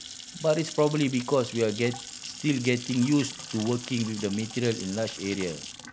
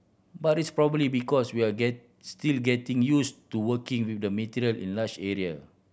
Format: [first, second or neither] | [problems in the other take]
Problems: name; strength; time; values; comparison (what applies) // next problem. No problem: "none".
second | background sound (Sink (filling or washing) / Water tap, faucet / Splash, splatter); 13 dB below the speech